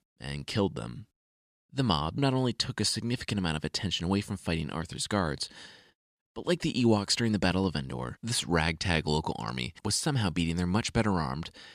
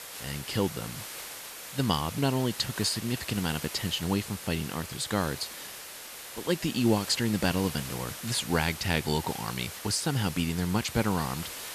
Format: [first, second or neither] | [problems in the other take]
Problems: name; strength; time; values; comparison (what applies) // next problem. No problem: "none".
first | hiss; loud; throughout; 9 dB below the speech